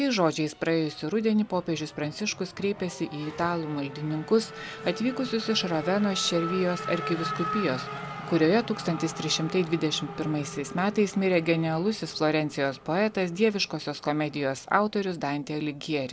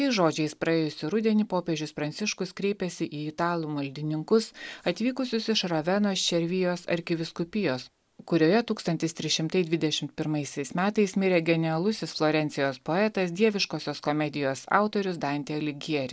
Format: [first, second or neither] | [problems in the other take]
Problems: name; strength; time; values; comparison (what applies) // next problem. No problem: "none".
second | background sound (Race car, auto racing / Accelerating, revving, vroom); 12 dB below the speech